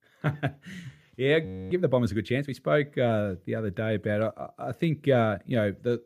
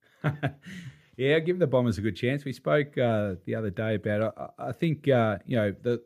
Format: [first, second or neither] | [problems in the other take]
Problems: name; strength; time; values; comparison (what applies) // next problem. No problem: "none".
second | audio freezing; at 1.5 s